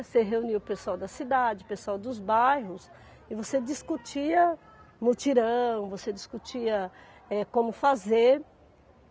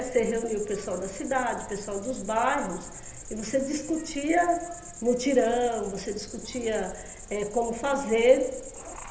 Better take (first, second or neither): first